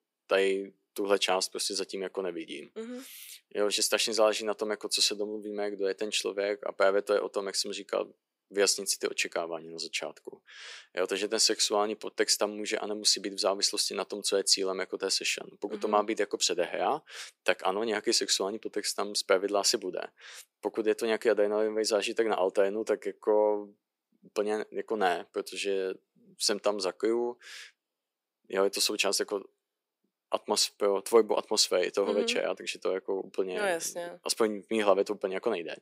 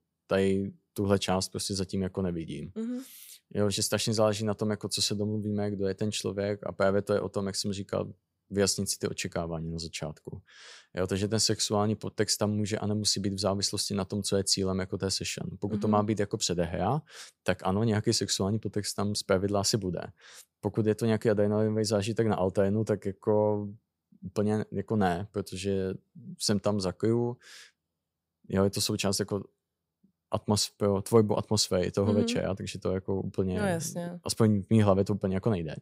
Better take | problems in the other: second | thin; somewhat; fading below 300 Hz

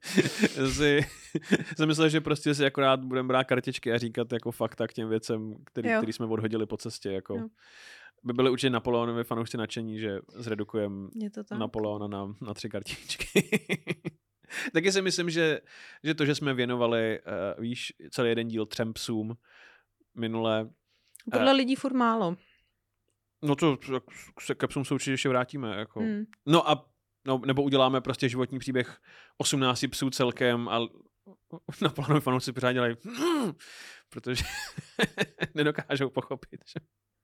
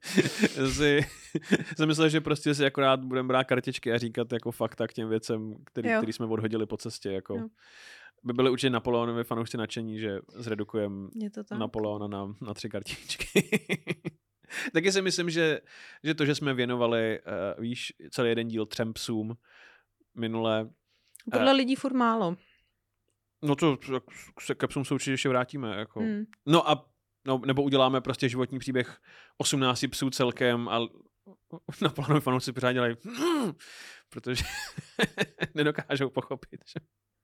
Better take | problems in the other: neither | none

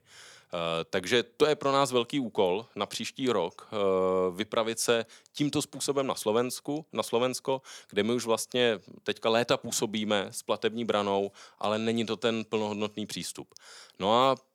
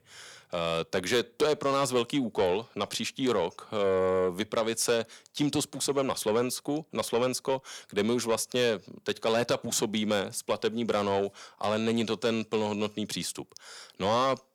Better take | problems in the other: first | distortion; slight; 10 dB below the speech

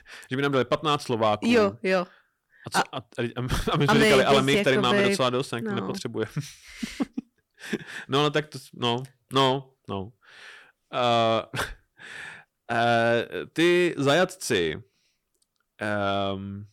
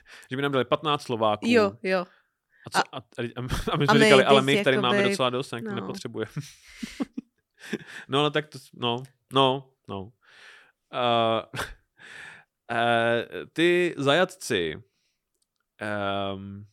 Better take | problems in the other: second | distortion; slight; 10 dB below the speech

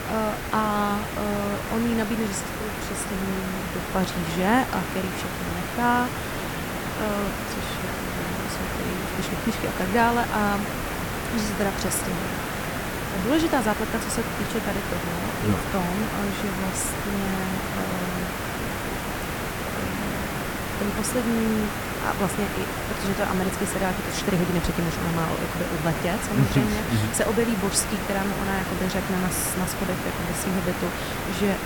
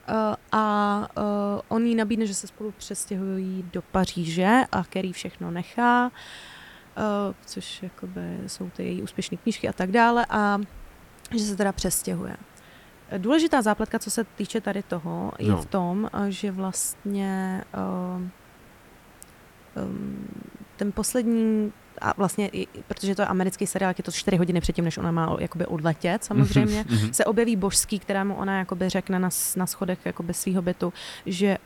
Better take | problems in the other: second | hiss; loud; throughout; 2 dB below the speech; faint in the second

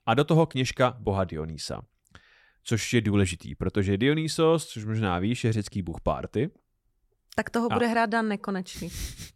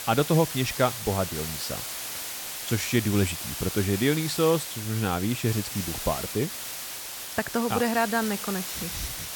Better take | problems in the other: first | hiss; loud; throughout; 5 dB below the speech

